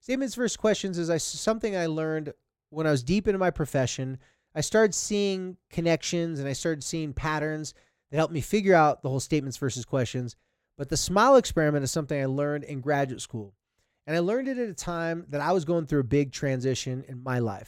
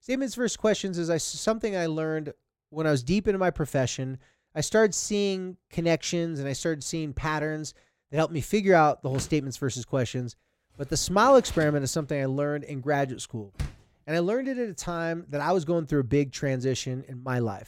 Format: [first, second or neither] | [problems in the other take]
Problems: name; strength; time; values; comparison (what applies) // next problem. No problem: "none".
first | door banging; faint; from 9 to 14 s; peak 10 dB below the speech